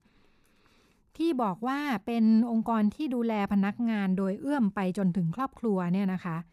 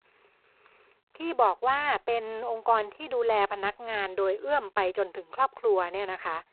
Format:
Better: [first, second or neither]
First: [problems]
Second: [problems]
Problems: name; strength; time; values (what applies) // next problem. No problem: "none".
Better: first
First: none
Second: phone-call audio; poor line; nothing above 4 kHz